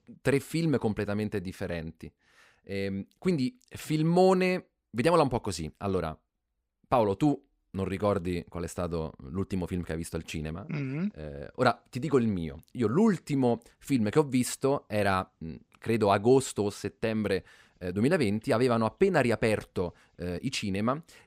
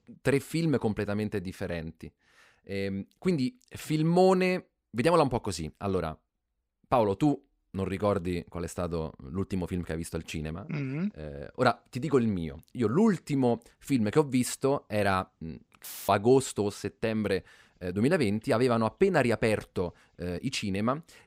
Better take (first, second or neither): first